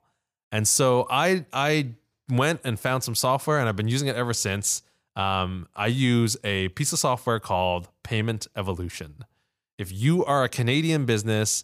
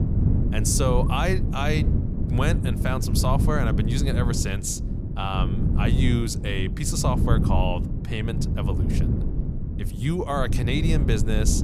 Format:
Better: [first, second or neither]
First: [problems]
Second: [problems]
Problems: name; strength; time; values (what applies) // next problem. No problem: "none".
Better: first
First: none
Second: wind noise on the microphone; heavy; 7 dB below the speech